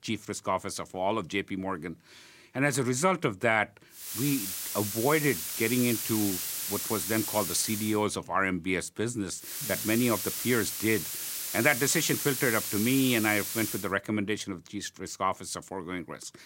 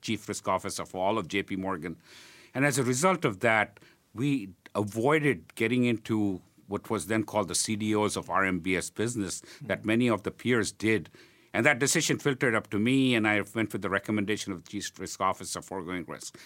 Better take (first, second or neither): second